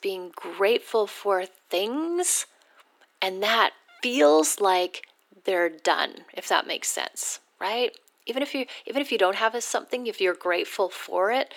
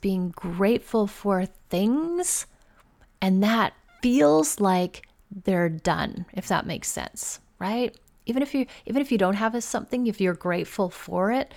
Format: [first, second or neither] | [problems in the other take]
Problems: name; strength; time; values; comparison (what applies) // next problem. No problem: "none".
second | thin; somewhat; fading below 300 Hz